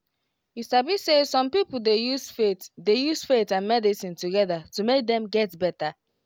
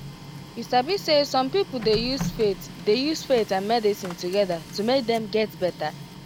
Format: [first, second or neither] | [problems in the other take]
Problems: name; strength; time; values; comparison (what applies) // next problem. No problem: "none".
first | background sound (Printer); 13 dB below the speech